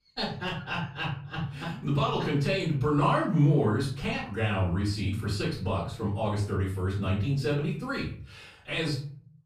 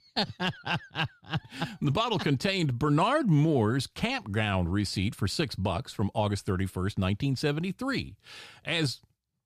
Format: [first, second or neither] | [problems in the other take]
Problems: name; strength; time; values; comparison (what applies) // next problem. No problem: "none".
second | off-mic speech; far // room echo; noticeable; dies away in 0.5 s